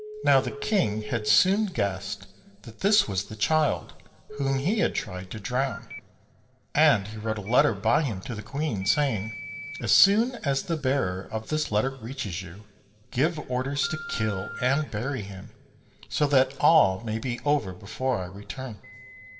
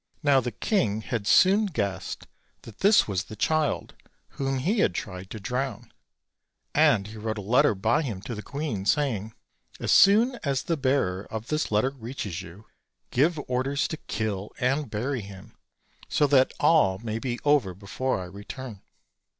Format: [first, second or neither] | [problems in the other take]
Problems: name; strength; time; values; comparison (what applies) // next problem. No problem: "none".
second | background sound (Telephone); 17 dB below the speech // room echo; dies away in 1.4 s